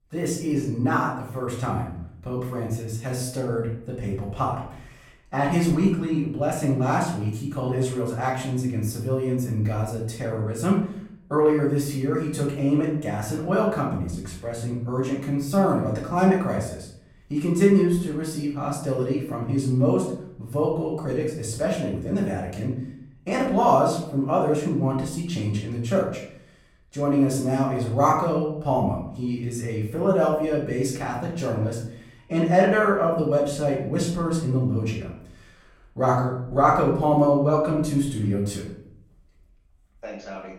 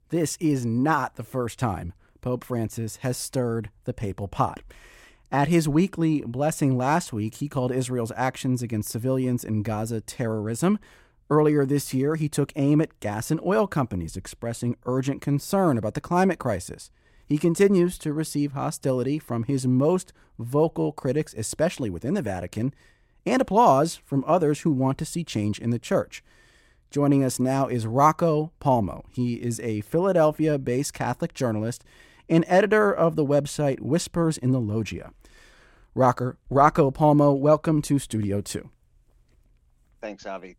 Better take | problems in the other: second | off-mic speech; far // room echo; noticeable; dies away in 0.6 s

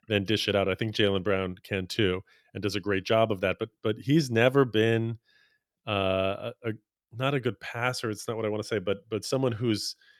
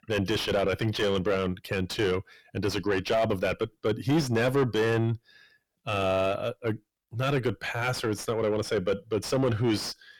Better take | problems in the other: first | distortion; heavy; 5 dB below the speech

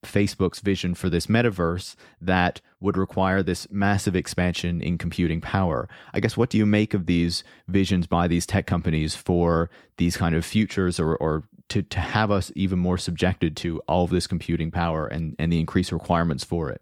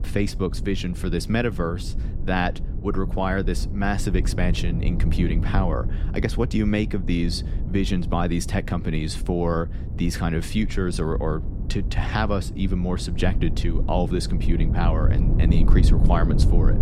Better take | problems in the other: first | low rumble; noticeable; throughout; 10 dB below the speech

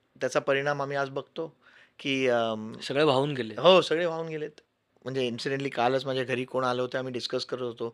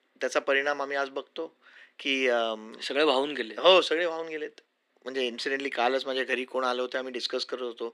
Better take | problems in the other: first | thin; very slightly; fading below 250 Hz

